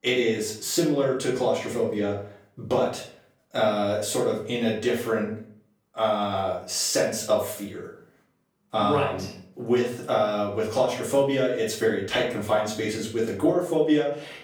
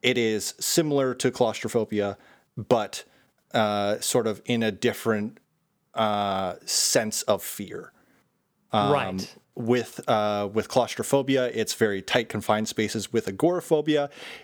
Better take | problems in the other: second | off-mic speech; far // room echo; noticeable; dies away in 0.5 s

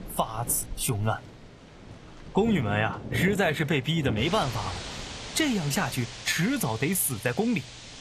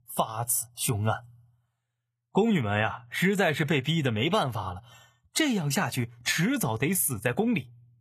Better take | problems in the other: second | rain or running water; noticeable; throughout; 10 dB below the speech

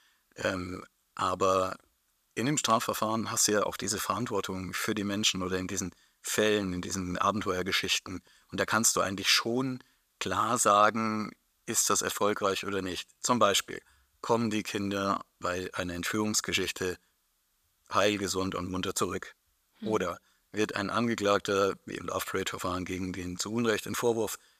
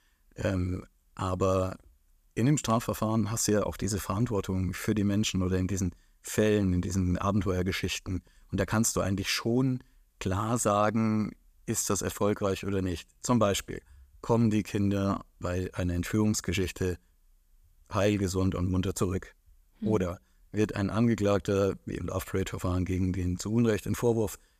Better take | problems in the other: second | thin; somewhat; fading below 500 Hz

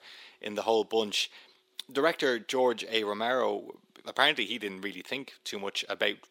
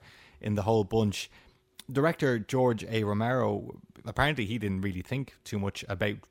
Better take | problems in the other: second | thin; somewhat; fading below 300 Hz

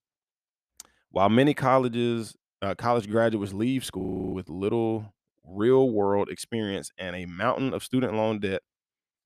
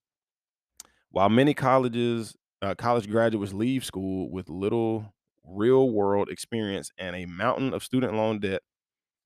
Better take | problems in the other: second | audio freezing; at 4 s

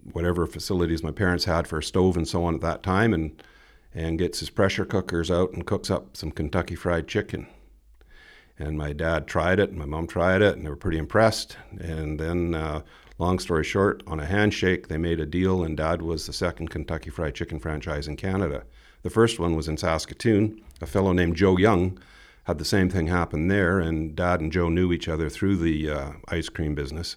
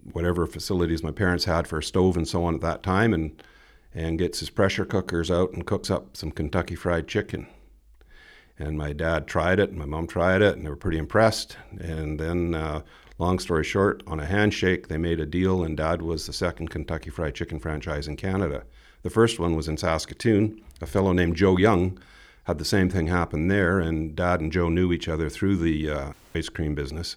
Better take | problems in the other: first | audio cutting out; at 26 s

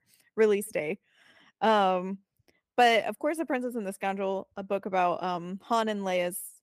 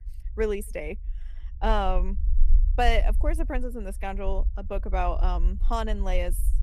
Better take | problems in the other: first | low rumble; faint; throughout; 25 dB below the speech

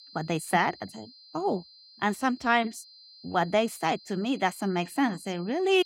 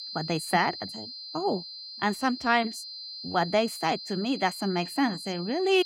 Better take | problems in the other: first | high-pitched whine; loud; throughout; 4 kHz, 9 dB below the speech; faint in the first

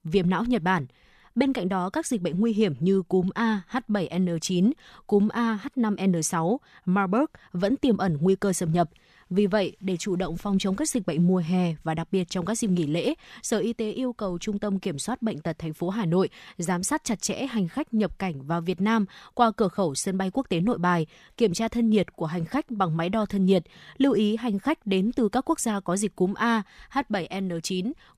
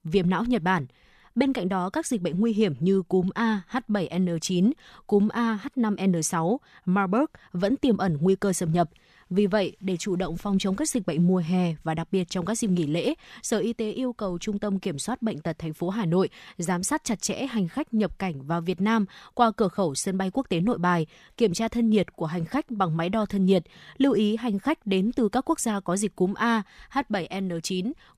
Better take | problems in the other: neither | none

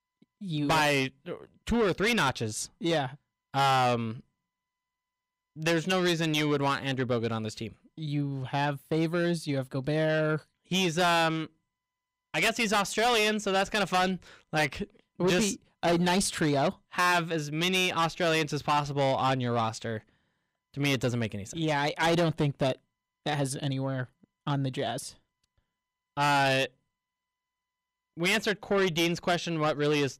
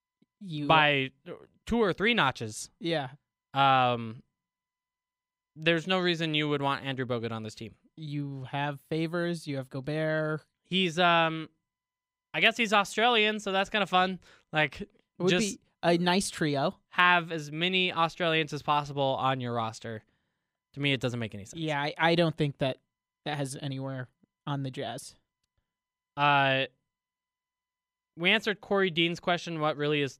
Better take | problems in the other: second | distortion; heavy; 7 dB below the speech

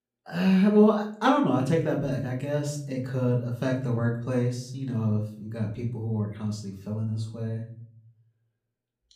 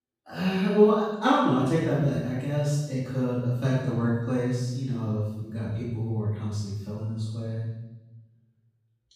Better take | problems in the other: first | room echo; strong; dies away in 1 s; slight in the first // off-mic speech; far; far in the first

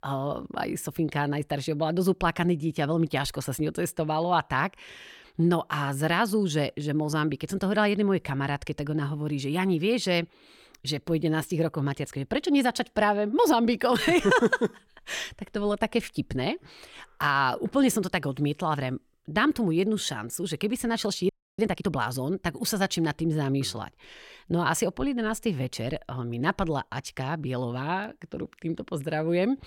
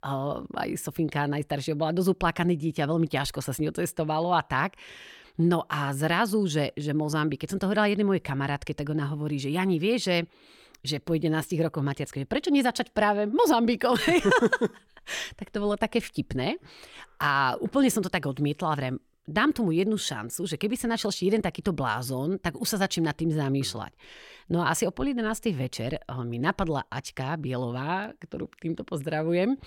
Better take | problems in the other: second | audio freezing; at 21 s

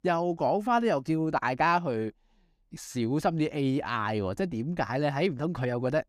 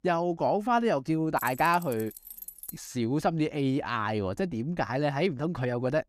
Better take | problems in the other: first | jangling keys; faint; from 1.5 to 3 s; peak 10 dB below the speech

